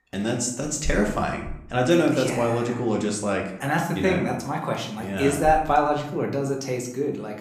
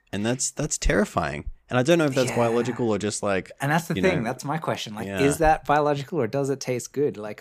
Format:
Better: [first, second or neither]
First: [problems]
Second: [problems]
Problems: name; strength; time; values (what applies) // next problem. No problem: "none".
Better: second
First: room echo; slight; dies away in 0.6 s // off-mic speech; somewhat distant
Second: none